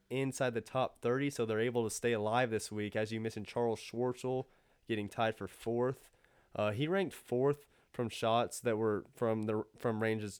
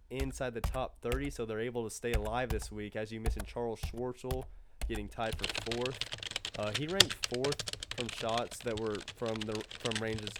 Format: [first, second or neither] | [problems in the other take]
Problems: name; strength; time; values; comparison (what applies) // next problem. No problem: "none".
first | household noises; very loud; throughout; 1 dB above the speech